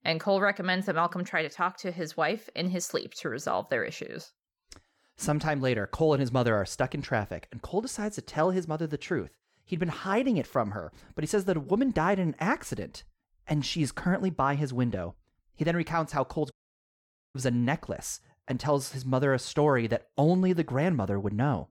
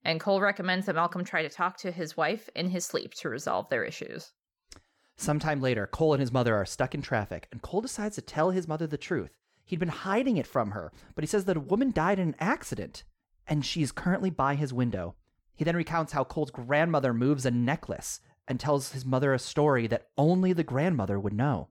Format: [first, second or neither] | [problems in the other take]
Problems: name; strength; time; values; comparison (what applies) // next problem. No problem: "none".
second | audio cutting out; at 17 s for 1 s